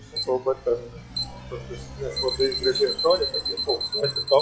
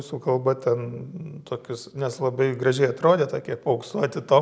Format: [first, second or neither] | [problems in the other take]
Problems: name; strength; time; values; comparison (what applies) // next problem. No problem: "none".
second | noise reduction (classical method log-MMSE)